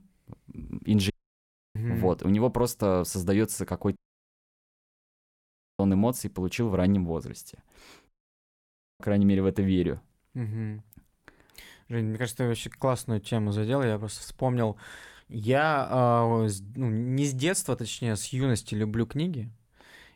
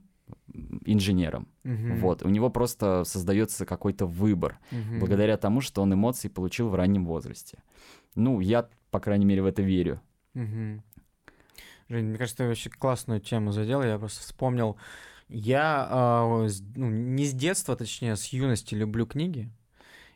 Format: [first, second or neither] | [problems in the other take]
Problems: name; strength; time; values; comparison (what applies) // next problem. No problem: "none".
second | audio cutting out; at 1 s for 0.5 s, at 4 s for 2 s and at 8 s for 1 s